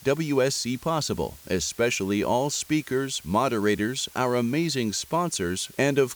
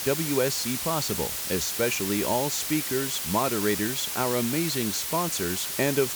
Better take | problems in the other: first | hiss; loud; throughout; 1 dB below the speech; faint in the first

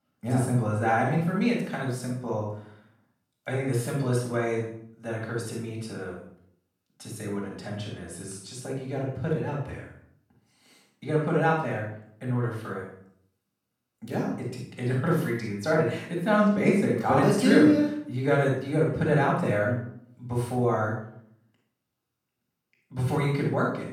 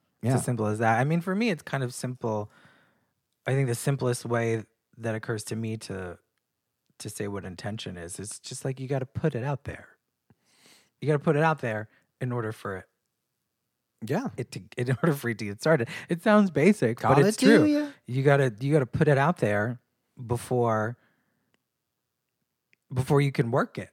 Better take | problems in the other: second | off-mic speech; far // room echo; noticeable; dies away in 0.5 s

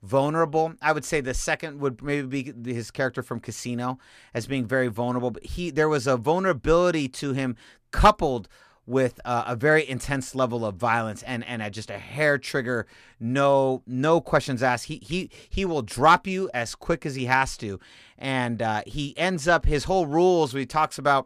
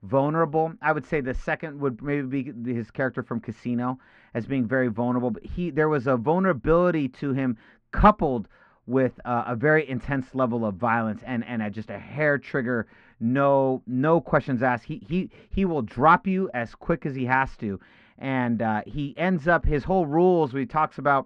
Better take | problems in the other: first | muffled; very; fading above 1.5 kHz

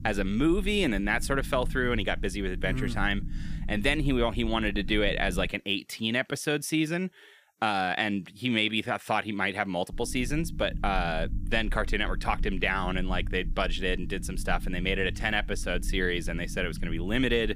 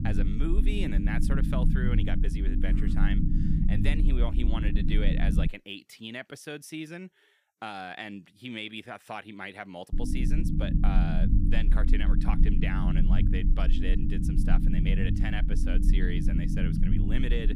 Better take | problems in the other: first | low rumble; loud; until 5.5 s and from 10 s on; 1 dB below the speech; faint in the first

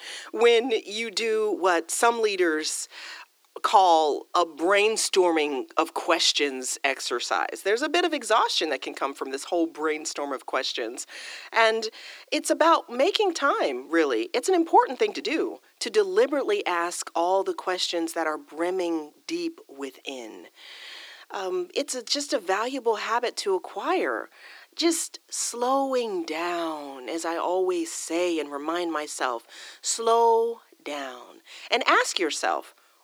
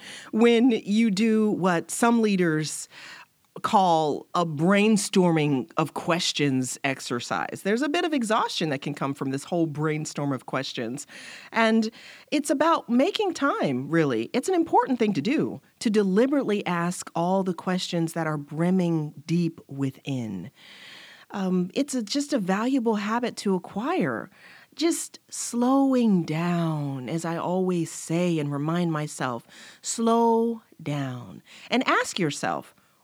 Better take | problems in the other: second | thin; very; fading below 350 Hz

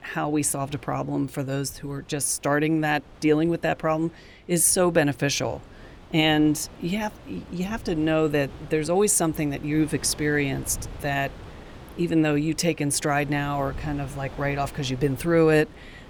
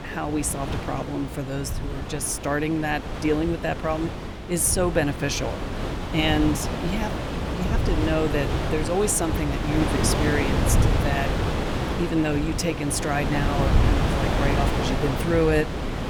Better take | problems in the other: first | wind noise on the microphone; heavy; 3 dB below the speech; occasional gusts in the first

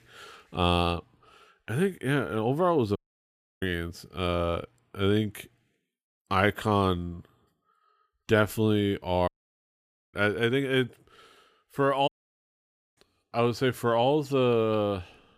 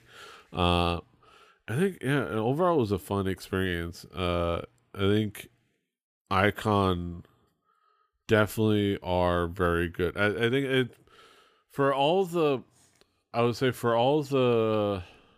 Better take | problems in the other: second | audio cutting out; at 3 s for 0.5 s, at 9.5 s for 1 s and at 12 s for 1 s

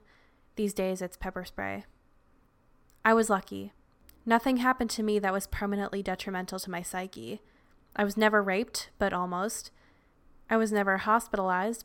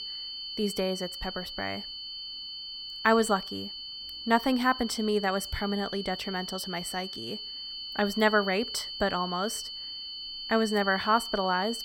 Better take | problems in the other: first | high-pitched whine; loud; throughout; 3 kHz, 7 dB below the speech

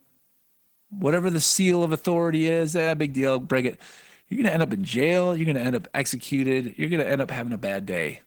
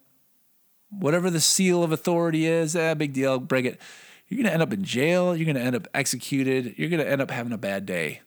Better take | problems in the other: second | garbled, watery; slightly; nothing above 19 kHz

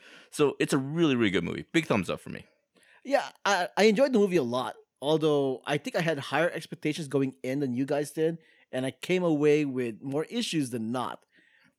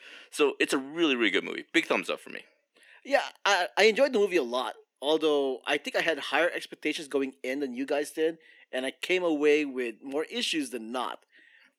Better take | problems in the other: first | thin; very slightly; fading below 300 Hz

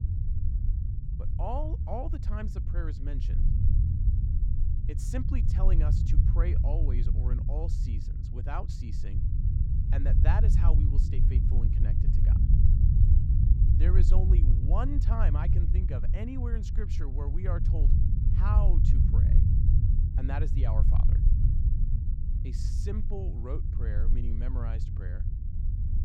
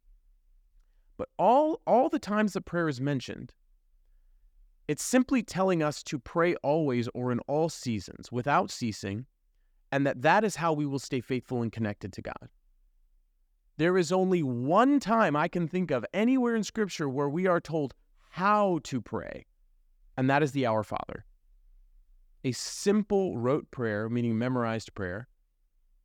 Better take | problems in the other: second | low rumble; loud; throughout; 2 dB below the speech

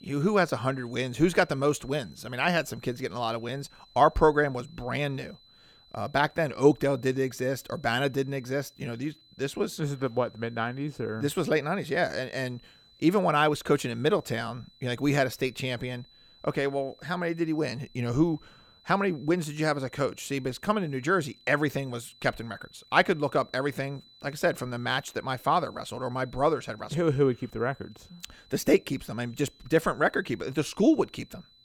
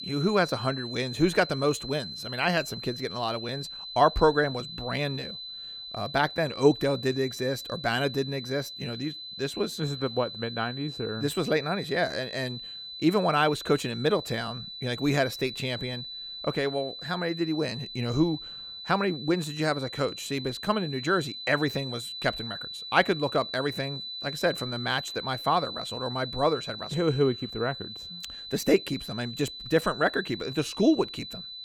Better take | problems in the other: first | high-pitched whine; loud; throughout; 4 kHz, 9 dB below the speech; faint in the first

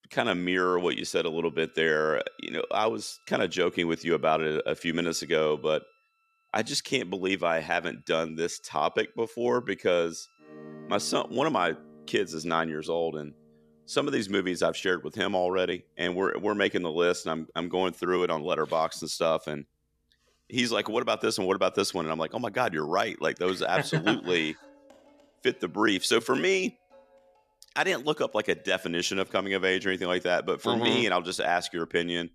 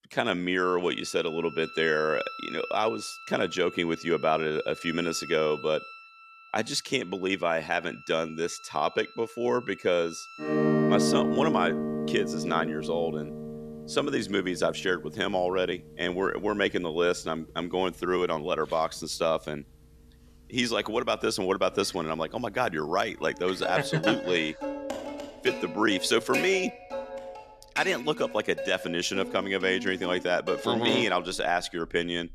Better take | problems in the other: first | background music; loud; throughout; 6 dB below the speech; faint in the first

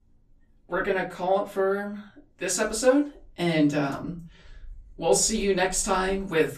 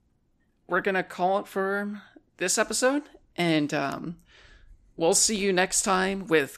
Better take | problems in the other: second | off-mic speech; far // room echo; very slight; dies away in 0.3 s

